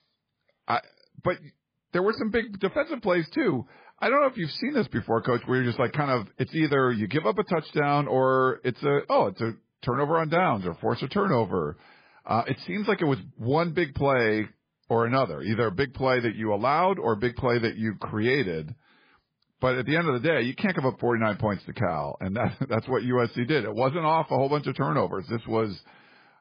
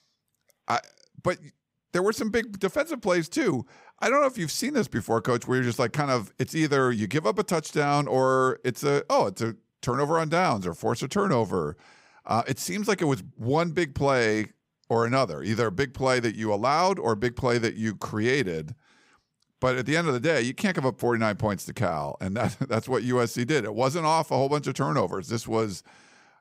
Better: second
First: garbled, watery; badly; nothing above 5 kHz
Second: none

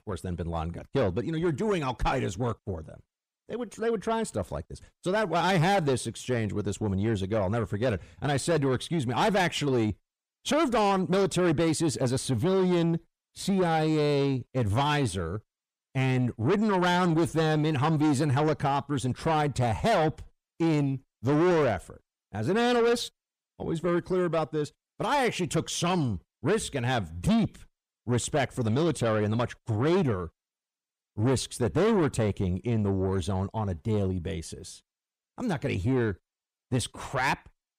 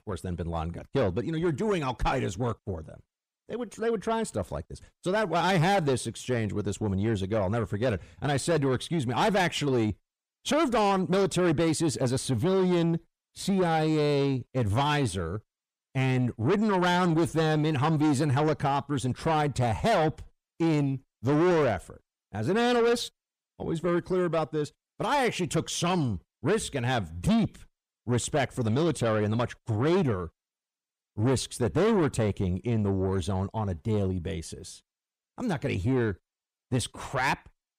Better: neither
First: distortion; heavy; 8 dB below the speech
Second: distortion; heavy; 8 dB below the speech

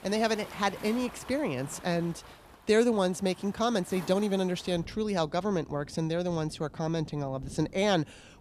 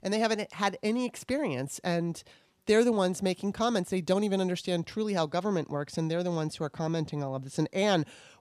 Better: second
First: rain or running water; noticeable; throughout; 20 dB below the speech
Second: none

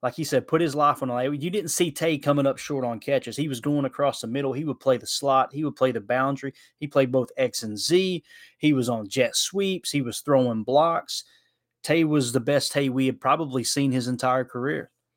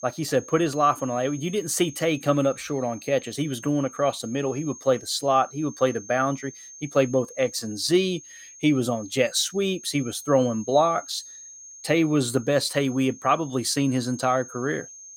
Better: first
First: none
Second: high-pitched whine; noticeable; throughout; 6.5 kHz, 15 dB below the speech

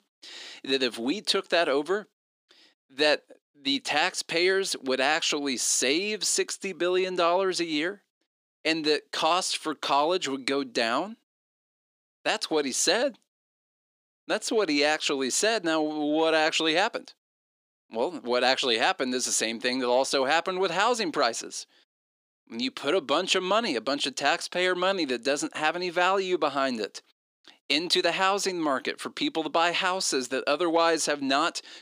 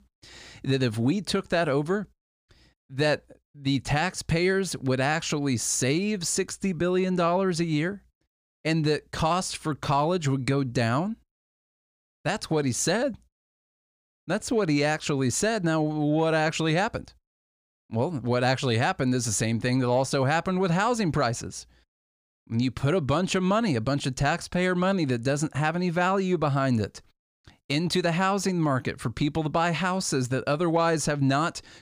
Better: second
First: thin; somewhat; fading below 300 Hz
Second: none

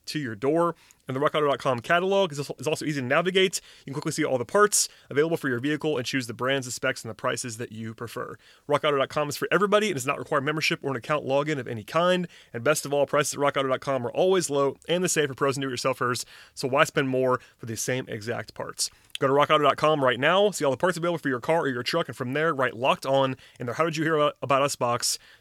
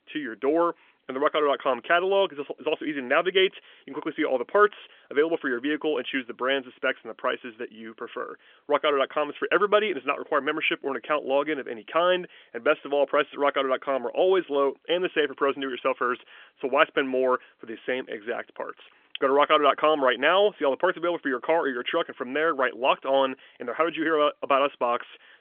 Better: first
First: none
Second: phone-call audio; nothing above 3.5 kHz

